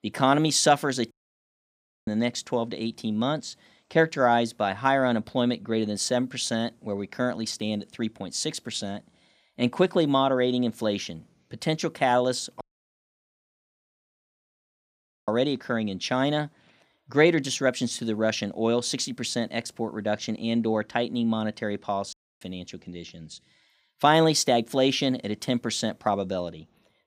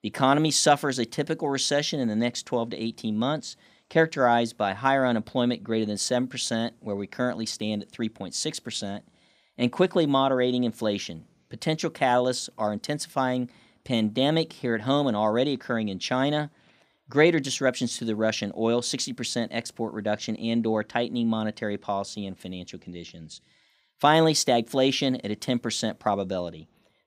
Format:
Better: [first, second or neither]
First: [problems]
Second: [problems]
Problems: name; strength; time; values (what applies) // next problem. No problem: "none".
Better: second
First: audio cutting out; at 1 s for 1 s, at 13 s for 2.5 s and at 22 s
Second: none